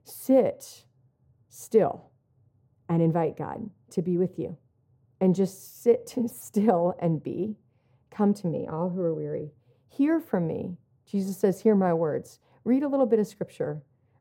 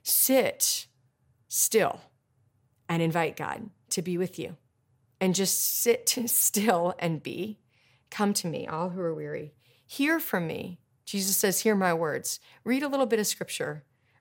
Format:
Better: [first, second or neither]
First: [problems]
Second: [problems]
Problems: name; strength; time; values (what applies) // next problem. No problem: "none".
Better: second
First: muffled; very; fading above 1.5 kHz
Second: none